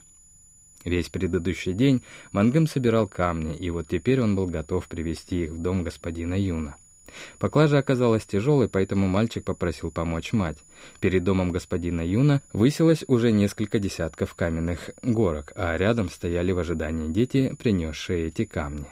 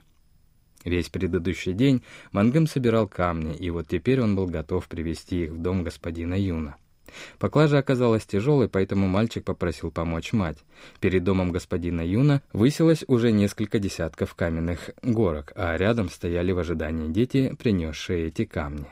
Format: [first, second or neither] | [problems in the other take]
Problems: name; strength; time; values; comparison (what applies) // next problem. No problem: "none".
second | high-pitched whine; faint; throughout; 7 kHz, 25 dB below the speech